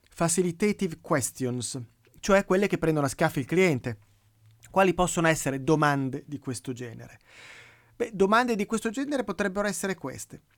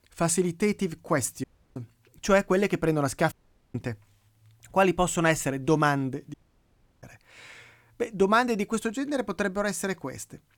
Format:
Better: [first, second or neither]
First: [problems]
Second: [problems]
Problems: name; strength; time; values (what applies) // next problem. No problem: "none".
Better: first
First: none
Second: audio cutting out; at 1.5 s, at 3.5 s and at 6.5 s for 0.5 s